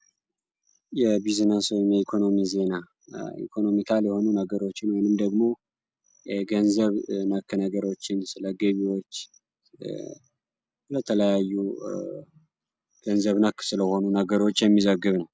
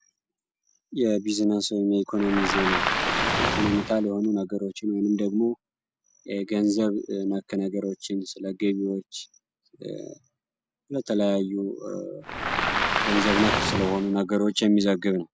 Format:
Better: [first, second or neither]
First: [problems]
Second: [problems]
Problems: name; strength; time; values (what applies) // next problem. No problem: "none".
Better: first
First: none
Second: background sound (Waves, surf); as loud as the speech